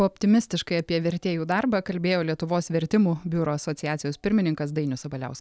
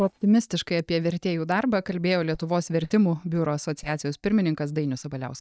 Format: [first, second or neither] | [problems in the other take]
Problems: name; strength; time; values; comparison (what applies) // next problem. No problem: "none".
first | noise reduction (neural mask model DeepFilterNet 3)